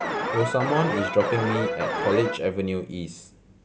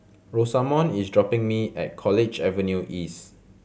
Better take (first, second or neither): second